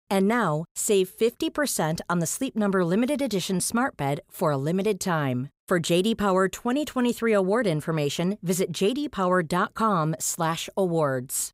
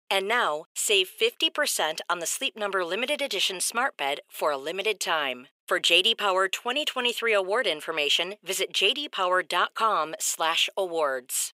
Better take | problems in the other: first | thin; very; fading below 450 Hz

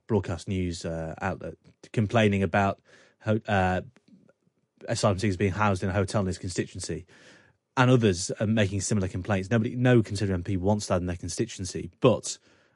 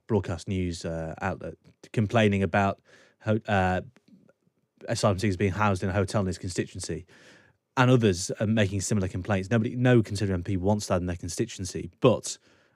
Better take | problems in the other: second | garbled, watery; slightly; nothing above 9.5 kHz

